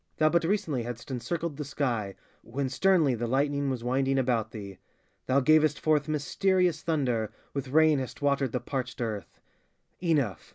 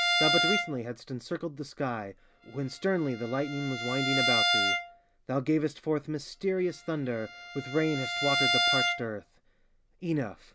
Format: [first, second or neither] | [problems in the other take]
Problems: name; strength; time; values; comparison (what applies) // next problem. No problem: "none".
first | background sound (Bowed string instrument); as loud as the speech